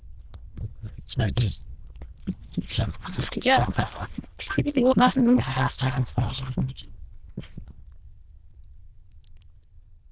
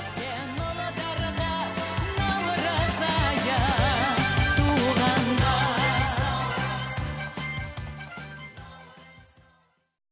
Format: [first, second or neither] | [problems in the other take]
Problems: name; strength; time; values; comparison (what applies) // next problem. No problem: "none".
second | noise reduction (neural diffusion model UNIVERSE++)